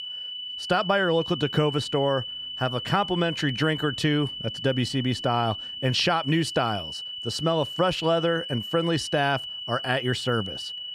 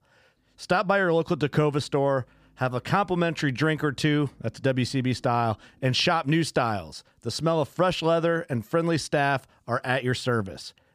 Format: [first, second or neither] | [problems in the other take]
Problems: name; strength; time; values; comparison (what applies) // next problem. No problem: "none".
second | high-pitched whine; loud; throughout; 3 kHz, 7 dB below the speech